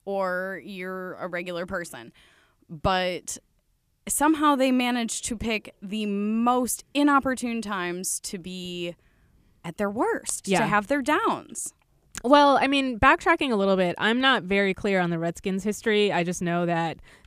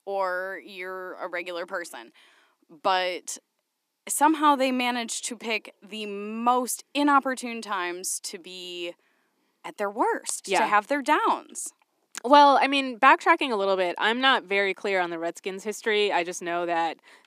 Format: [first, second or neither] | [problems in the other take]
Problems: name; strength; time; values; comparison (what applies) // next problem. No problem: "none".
first | thin; very slightly; fading below 250 Hz